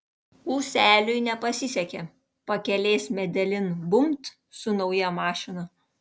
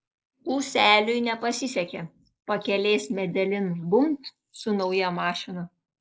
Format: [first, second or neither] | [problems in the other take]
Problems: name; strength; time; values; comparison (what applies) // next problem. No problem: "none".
first | noise reduction (neural mask model Resemble Enhance denoiser)